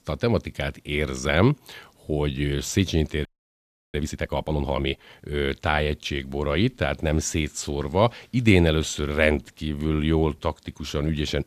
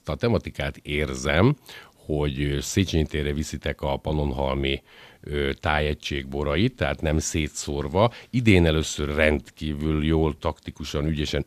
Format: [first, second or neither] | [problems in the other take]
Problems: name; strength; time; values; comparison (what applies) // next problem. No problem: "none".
second | audio freezing; at 3.5 s for 0.5 s